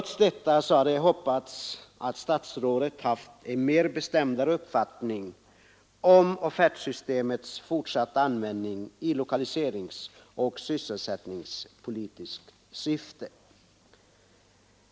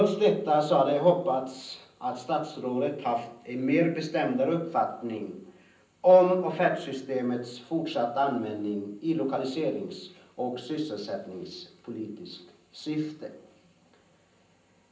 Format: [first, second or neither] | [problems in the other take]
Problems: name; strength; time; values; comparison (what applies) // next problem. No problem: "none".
first | room echo; dies away in 0.6 s